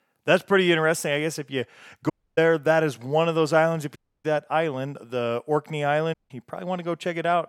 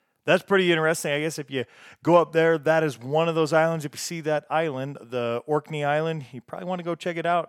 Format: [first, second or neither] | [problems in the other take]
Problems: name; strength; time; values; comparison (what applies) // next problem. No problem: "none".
second | audio cutting out; at 2 s, at 4 s and at 6 s